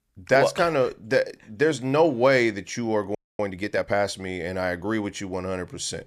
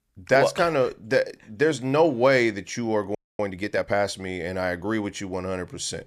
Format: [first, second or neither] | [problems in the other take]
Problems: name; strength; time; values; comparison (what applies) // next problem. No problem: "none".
neither | audio freezing; at 3 s; the same in both